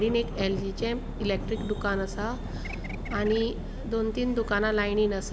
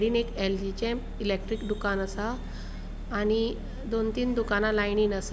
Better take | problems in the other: second | background sound (Thunder + Bird); 12 dB below the speech

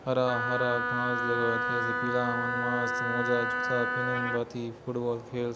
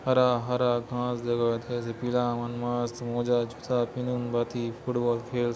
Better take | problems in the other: second | background sound (Wind instrument, woodwind instrument); as loud as the speech

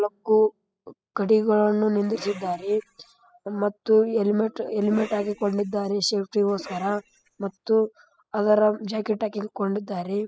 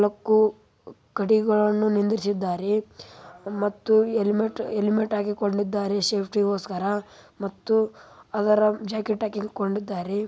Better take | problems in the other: second | noise reduction (classical method spectral subtraction)

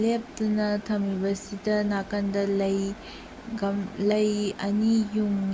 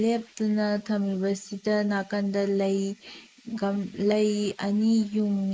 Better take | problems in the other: first | noise reduction (neural mask model Resemble Enhance denoiser)

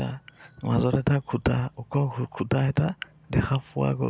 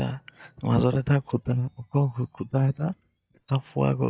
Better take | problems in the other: first | noise reduction (neural mask model DeepFilterNet 3)

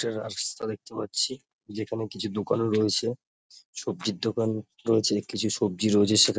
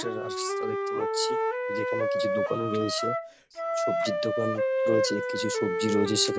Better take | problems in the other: first | background sound (Wind instrument, woodwind instrument); 3 dB above the speech

